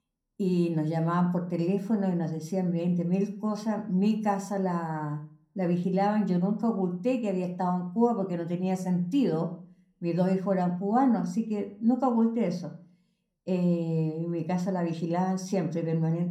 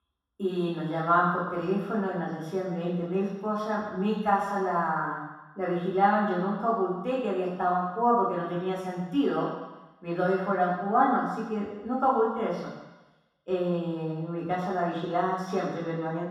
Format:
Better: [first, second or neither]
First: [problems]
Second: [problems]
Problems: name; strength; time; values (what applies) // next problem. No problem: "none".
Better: first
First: room echo; slight; dies away in 0.6 s // off-mic speech; somewhat distant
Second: room echo; strong; dies away in 1.2 s // off-mic speech; far